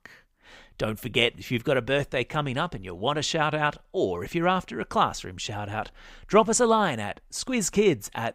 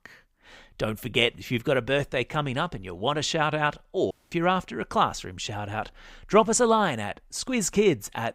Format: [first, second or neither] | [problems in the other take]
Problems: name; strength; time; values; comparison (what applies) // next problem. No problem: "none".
first | audio cutting out; at 4 s